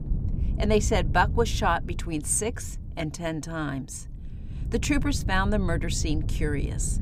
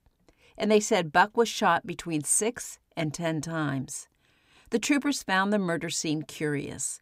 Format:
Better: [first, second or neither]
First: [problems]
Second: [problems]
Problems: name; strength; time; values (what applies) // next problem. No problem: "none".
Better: second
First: wind noise on the microphone; occasional gusts; 15 dB below the speech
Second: none